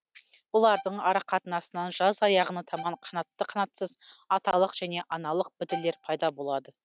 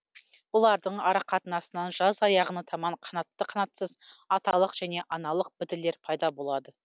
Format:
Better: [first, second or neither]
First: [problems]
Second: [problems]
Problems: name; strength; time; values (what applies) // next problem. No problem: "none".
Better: second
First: noise reduction (neural mask model RNNoise)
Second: none